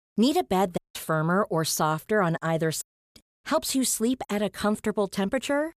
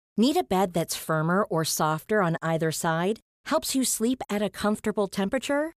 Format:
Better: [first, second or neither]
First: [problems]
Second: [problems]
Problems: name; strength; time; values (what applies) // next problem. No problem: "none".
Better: second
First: audio cutting out; at 1 s and at 3 s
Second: none